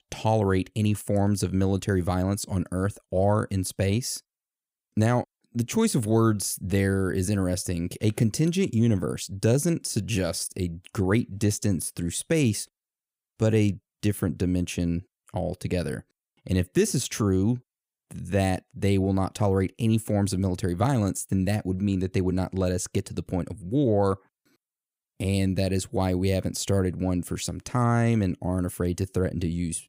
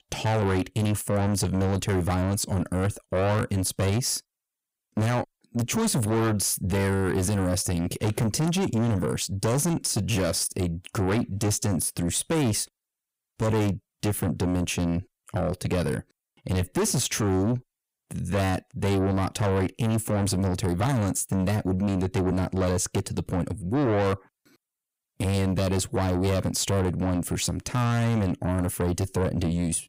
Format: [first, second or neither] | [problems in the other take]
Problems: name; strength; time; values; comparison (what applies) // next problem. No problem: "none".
first | distortion; heavy; 7 dB below the speech